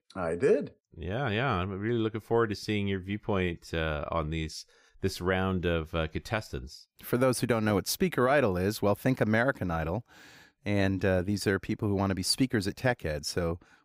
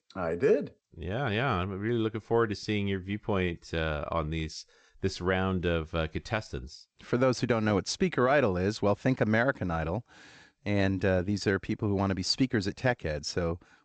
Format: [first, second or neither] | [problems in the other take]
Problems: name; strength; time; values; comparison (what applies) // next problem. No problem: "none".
first | garbled, watery; slightly; nothing above 8 kHz